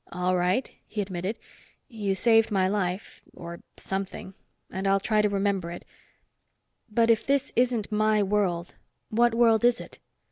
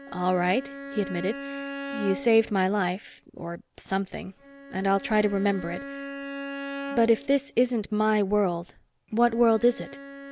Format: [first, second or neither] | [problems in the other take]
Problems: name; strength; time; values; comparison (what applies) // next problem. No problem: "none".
first | background sound (Bowed string instrument); 12 dB below the speech